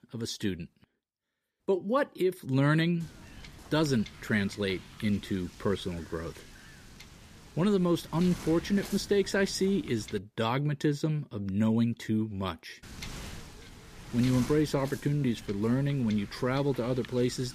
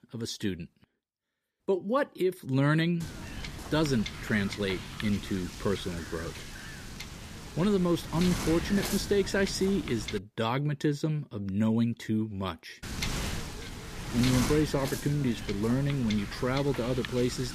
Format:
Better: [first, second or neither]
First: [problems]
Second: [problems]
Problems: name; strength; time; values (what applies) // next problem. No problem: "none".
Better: first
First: wind noise on the microphone; occasional gusts; from 3 to 10 s and from 13 s on; 15 dB below the speech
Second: wind noise on the microphone; heavy; from 3 to 10 s and from 13 s on; 6 dB below the speech